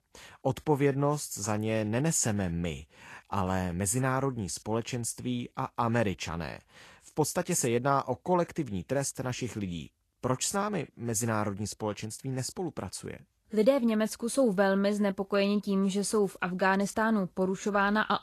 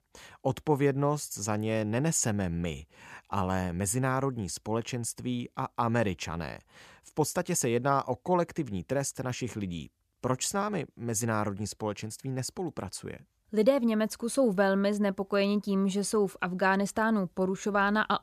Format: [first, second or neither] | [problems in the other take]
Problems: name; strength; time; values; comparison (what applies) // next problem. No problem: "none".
second | garbled, watery; slightly; nothing above 12.5 kHz